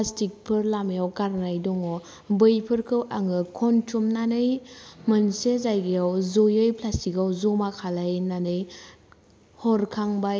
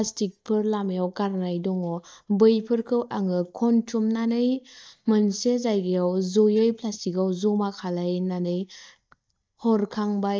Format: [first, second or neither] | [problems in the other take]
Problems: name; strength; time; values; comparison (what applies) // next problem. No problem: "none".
first | noise reduction (neural mask model DeepFilterNet 3)